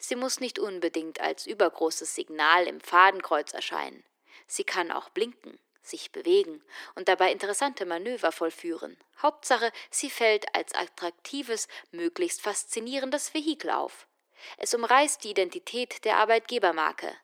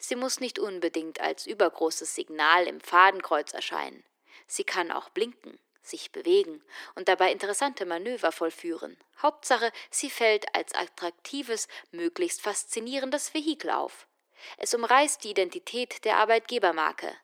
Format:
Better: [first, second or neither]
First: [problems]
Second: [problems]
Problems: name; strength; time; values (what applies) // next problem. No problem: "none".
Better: neither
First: thin; very; fading below 350 Hz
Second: thin; very; fading below 350 Hz